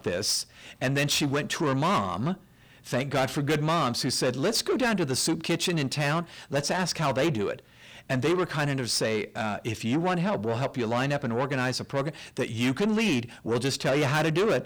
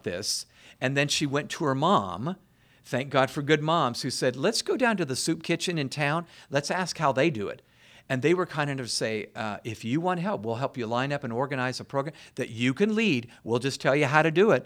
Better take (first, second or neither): second